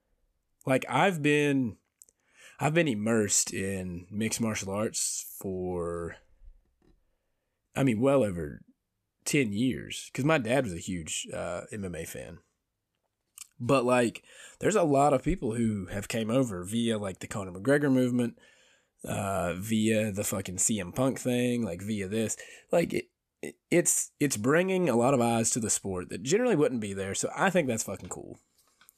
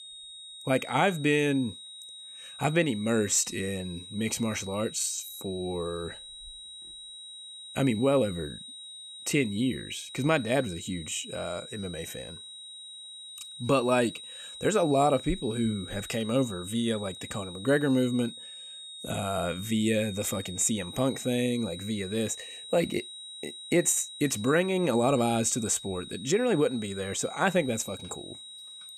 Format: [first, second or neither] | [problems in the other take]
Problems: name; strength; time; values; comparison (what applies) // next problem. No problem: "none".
first | high-pitched whine; noticeable; throughout; 4 kHz, 15 dB below the speech